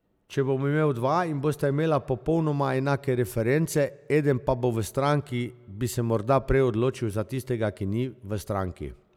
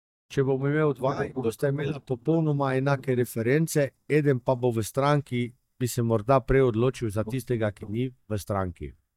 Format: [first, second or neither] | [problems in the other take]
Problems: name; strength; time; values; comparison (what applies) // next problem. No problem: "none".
first | noise reduction (neural mask model DeepFilterNet 3)